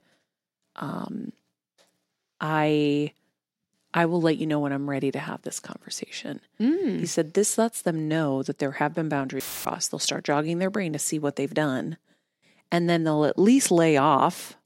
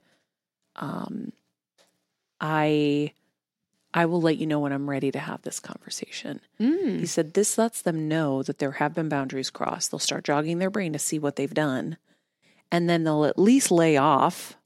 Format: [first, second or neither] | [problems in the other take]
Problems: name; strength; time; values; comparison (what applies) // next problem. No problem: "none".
second | audio cutting out; filled with static; at 9.5 s